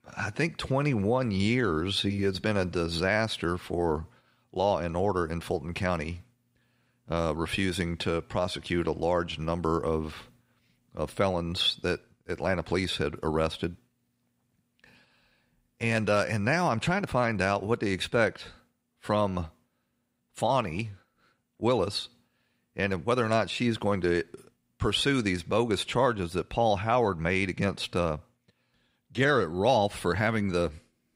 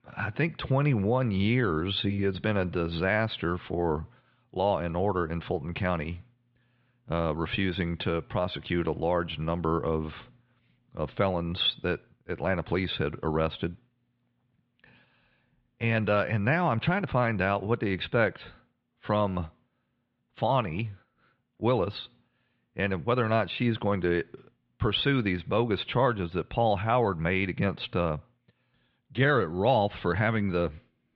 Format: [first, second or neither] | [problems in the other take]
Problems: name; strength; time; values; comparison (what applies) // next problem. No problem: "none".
first | muffled; slightly; fading above 3.5 kHz